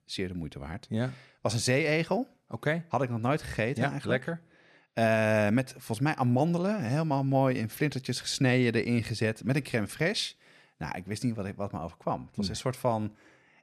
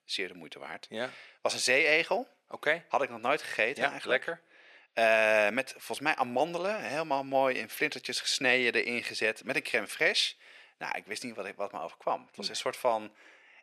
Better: first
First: none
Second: thin; very; fading below 500 Hz

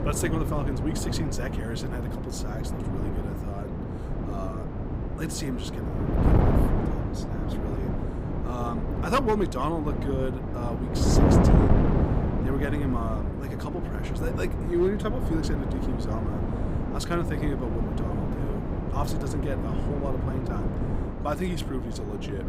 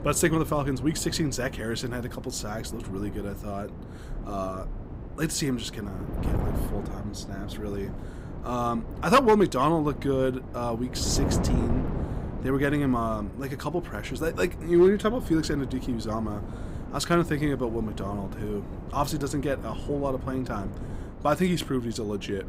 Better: second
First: wind noise on the microphone; heavy; as loud as the speech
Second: wind noise on the microphone; occasional gusts; 15 dB below the speech

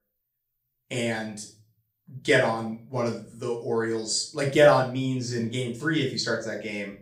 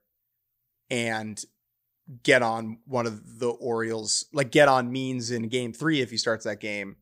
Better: second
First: room echo; slight; dies away in 0.4 s // off-mic speech; far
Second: none

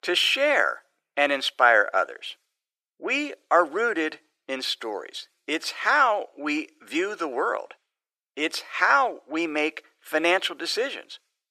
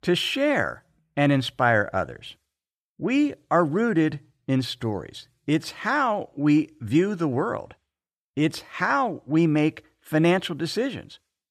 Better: second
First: thin; very; fading below 400 Hz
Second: none

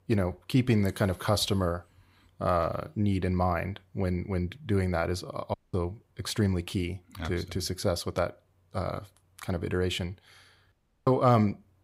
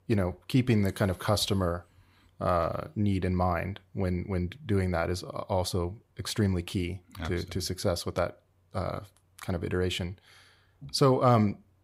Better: second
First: audio cutting out; at 5.5 s and at 11 s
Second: none

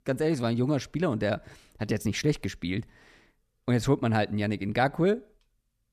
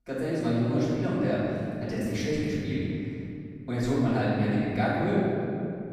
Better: first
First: none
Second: off-mic speech; far // room echo; strong; dies away in 2.7 s

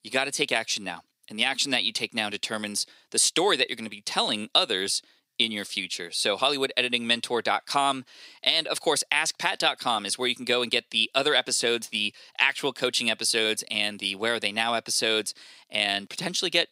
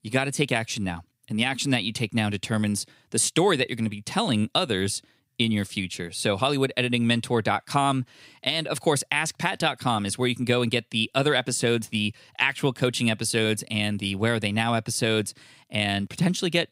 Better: second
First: thin; somewhat; fading below 400 Hz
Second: none

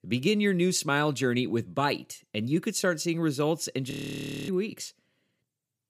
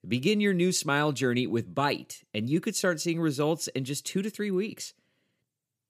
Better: second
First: audio freezing; at 4 s for 0.5 s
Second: none

